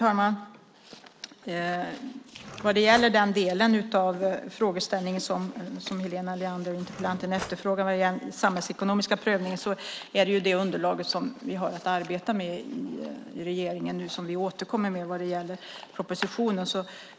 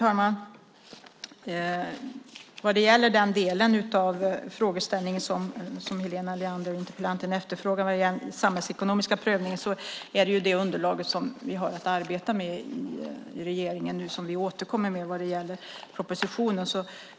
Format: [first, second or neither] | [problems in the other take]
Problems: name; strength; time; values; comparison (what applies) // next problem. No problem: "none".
second | background sound (Cutlery, silverware / Drawer open or close); 14 dB below the speech